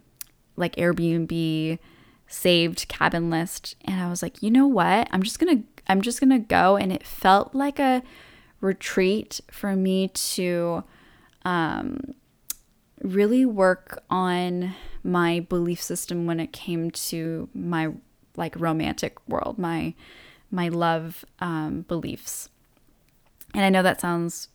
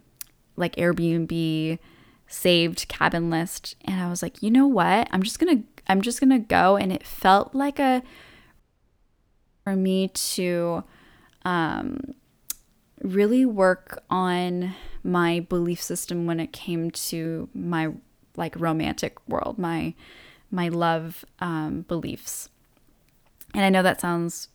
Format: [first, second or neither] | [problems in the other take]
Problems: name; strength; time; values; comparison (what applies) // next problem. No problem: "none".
first | audio cutting out; at 8.5 s for 1 s